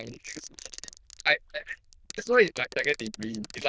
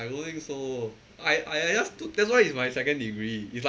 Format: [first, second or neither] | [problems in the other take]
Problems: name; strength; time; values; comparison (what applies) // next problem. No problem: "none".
second | noise reduction (neural diffusion model UNIVERSE++)